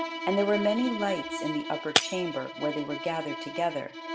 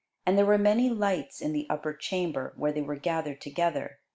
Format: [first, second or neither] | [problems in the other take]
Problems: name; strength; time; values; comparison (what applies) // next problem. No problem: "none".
second | background sound (Shatter + Bowed string instrument); 4 dB below the speech